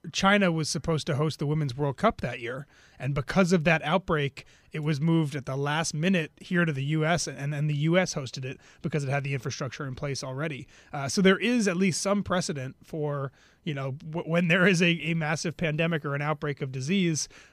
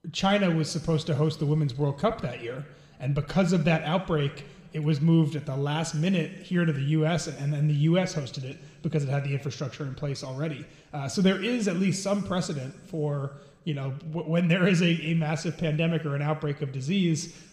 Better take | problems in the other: first | room echo; slight; dies away in 2.3 s

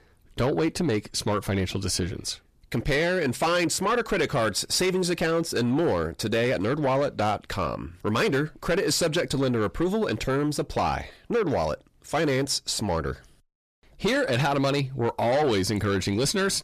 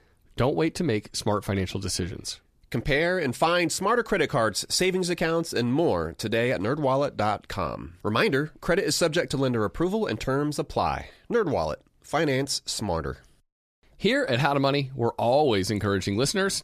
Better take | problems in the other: second | distortion; slight; 10 dB below the speech

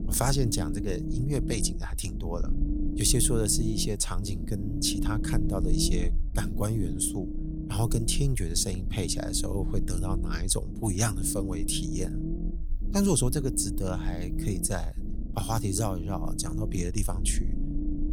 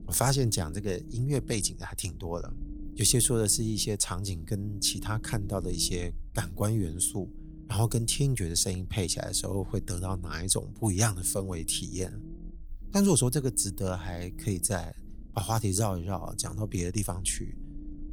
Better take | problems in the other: second | low rumble; loud; throughout; 9 dB below the speech; faint in the second

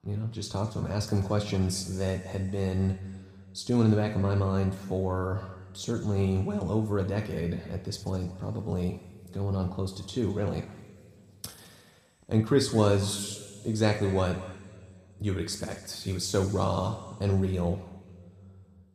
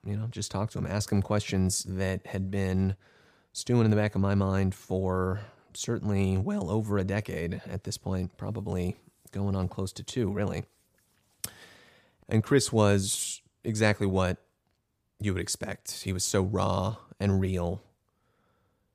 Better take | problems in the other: second | room echo; slight; dies away in 2 s

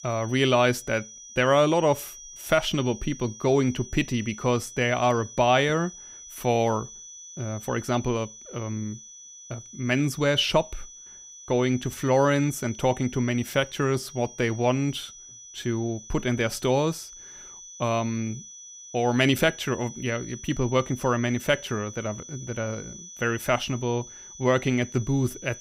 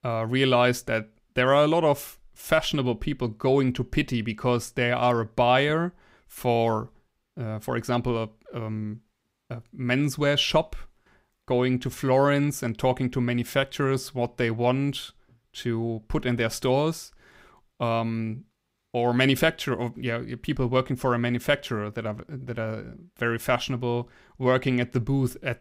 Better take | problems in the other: second | high-pitched whine; noticeable; throughout; 6 kHz, 15 dB below the speech

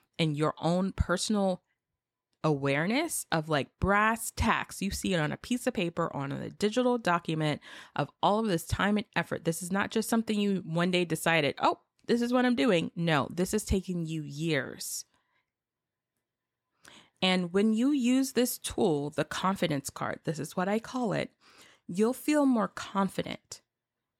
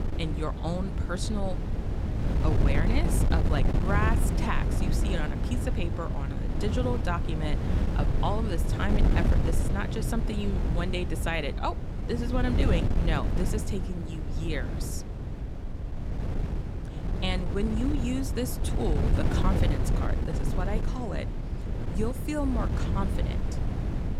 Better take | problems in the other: first | wind noise on the microphone; heavy; 4 dB below the speech

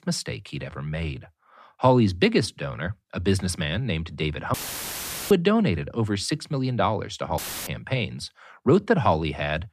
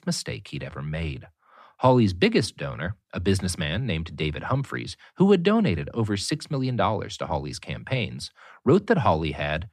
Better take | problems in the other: second | audio cutting out; filled with static; at 4.5 s for 1 s and at 7.5 s

